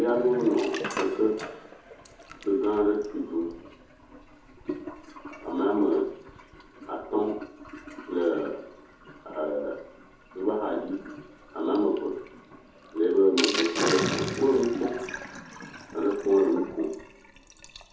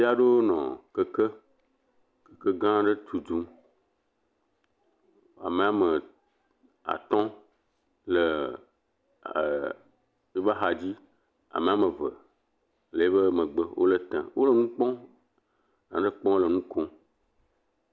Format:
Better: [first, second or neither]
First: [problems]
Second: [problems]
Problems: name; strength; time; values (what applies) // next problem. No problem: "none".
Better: second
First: background sound (Sink (filling or washing)); 10 dB below the speech // room echo; dies away in 0.6 s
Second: none